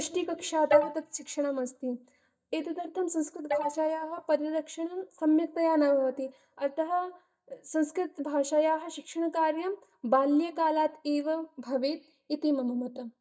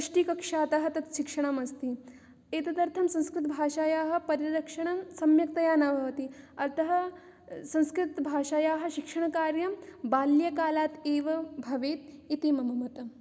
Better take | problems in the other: second | noise reduction (neural mask model DeepFilterNet 3)

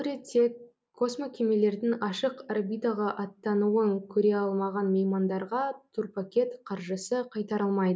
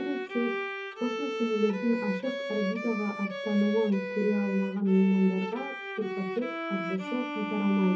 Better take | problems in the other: first | background sound (Bowed string instrument); 6 dB below the speech // room echo; dies away in 0.3 s

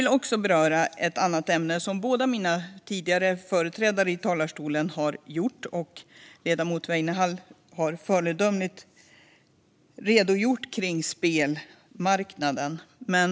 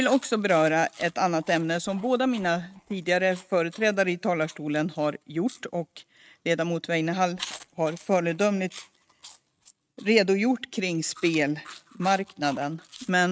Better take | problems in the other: first | noise reduction (neural mask model RNNoise)

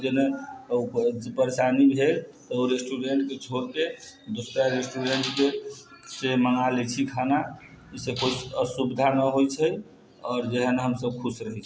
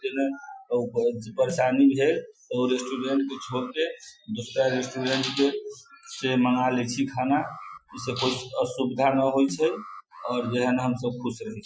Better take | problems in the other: first | noise reduction (classical method Wiener filter)

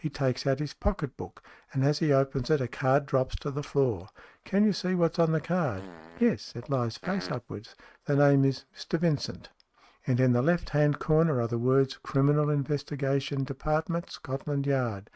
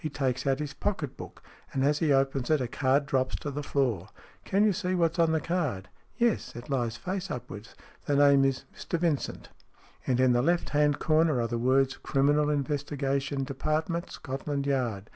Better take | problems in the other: second | noise reduction (neural mask model RNNoise)

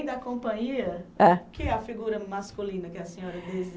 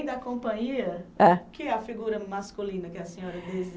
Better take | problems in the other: second | background sound (Breathing); 15 dB below the speech

